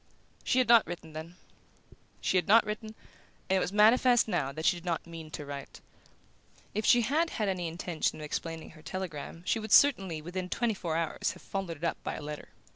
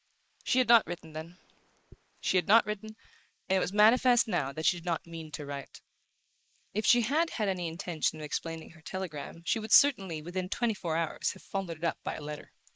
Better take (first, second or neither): first